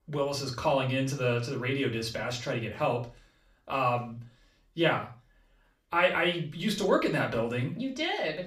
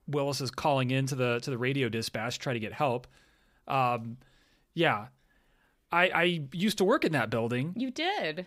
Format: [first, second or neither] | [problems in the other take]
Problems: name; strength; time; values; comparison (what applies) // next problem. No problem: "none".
second | room echo; slight; dies away in 0.3 s // off-mic speech; somewhat distant